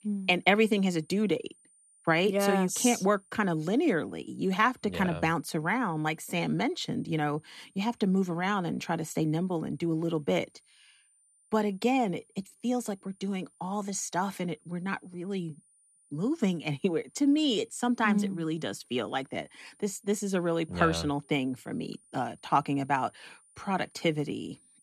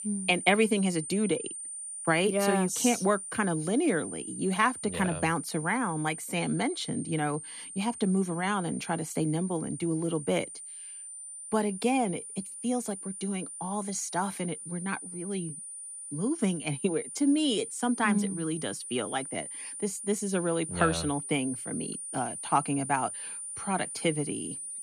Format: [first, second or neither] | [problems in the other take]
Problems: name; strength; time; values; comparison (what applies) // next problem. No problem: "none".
first | high-pitched whine; loud; throughout; 9 kHz, 8 dB below the speech; faint in the first